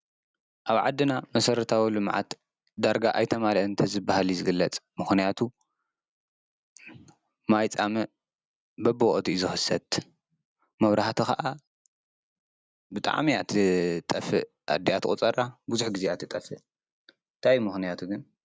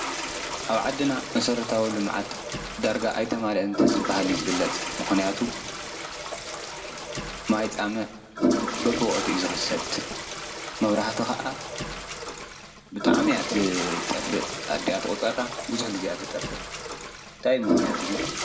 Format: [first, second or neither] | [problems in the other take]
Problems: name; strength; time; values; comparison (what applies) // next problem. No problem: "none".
first | background sound (Toilet flush); 2 dB below the speech // room echo; dies away in 1.1 s